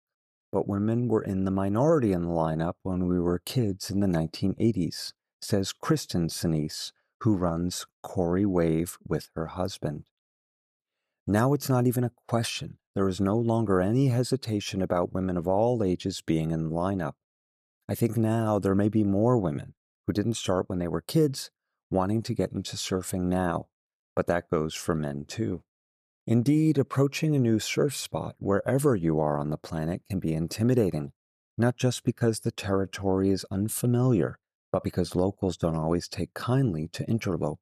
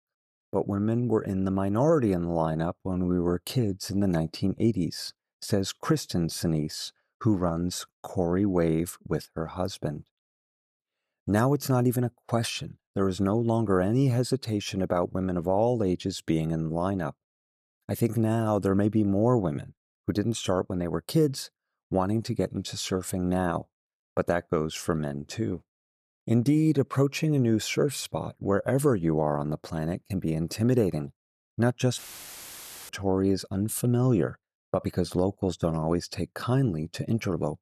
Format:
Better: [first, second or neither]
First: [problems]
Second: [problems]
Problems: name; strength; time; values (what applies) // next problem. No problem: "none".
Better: first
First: none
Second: audio cutting out; filled with static; at 32 s for 1 s